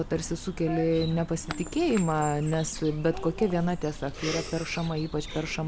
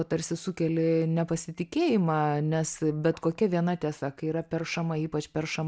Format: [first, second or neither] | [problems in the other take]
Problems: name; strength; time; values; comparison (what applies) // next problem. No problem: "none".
second | background sound (Bird vocalization, bird call, bird song); 10 dB below the speech